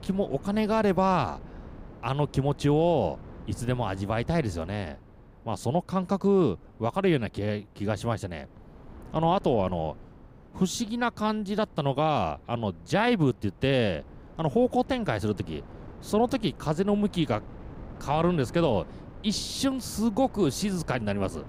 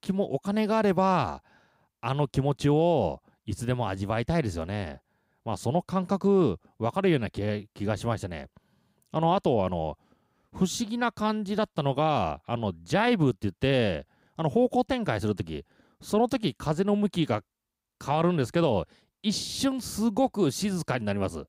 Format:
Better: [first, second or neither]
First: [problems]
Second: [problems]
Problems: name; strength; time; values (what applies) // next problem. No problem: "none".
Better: second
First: wind noise on the microphone; occasional gusts; 25 dB below the speech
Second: none